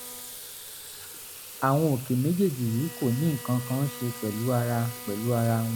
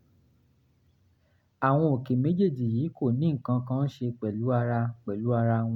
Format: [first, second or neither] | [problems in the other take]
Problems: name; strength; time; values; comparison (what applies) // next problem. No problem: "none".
second | background sound (Sink (filling or washing) / Water tap, faucet + Bowed string instrument); 13 dB below the speech